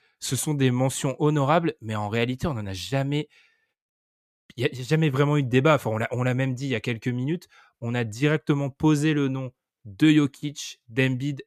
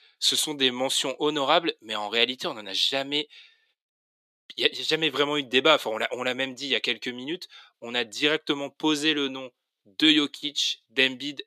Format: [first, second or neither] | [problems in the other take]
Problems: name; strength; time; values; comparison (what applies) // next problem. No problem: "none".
first | thin; somewhat; fading below 300 Hz